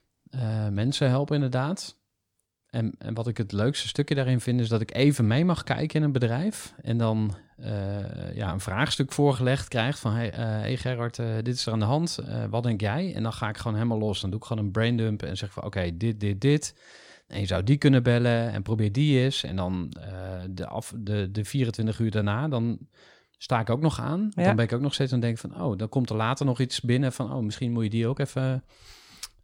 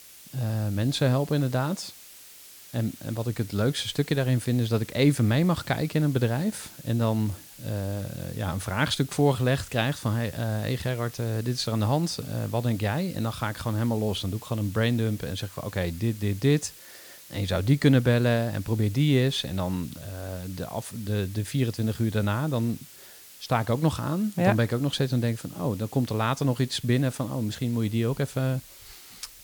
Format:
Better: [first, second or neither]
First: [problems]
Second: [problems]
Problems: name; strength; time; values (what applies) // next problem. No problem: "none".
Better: first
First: none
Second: hiss; noticeable; throughout; 20 dB below the speech